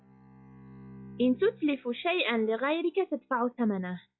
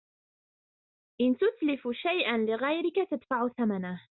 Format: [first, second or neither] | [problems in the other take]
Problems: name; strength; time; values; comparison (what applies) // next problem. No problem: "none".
second | noise reduction (classical method log-MMSE)